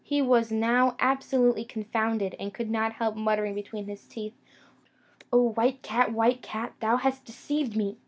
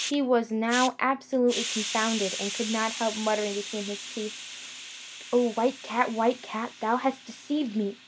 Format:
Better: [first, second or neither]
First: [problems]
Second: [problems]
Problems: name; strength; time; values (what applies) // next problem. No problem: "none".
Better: first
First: none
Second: background sound (Hiss); 9 dB below the speech